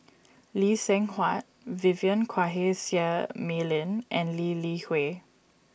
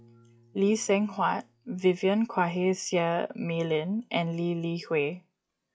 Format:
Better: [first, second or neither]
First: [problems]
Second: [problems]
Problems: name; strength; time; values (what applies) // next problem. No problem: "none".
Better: first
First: none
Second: noise reduction (classical method log-MMSE)